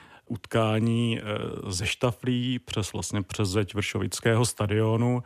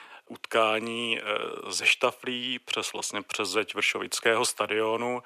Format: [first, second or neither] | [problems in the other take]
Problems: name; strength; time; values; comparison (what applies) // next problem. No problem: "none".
first | thin; very; fading below 500 Hz